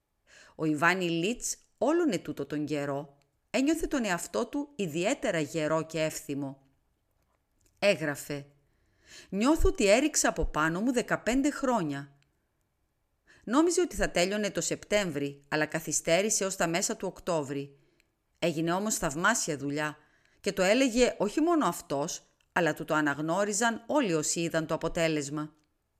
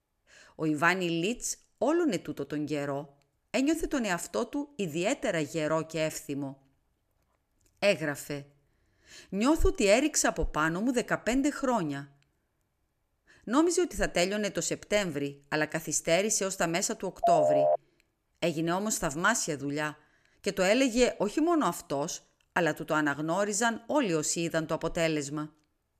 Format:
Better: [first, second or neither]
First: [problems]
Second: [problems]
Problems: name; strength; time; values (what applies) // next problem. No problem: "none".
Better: first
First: none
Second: phone ringing; loud; at 17 s; peak 5 dB above the speech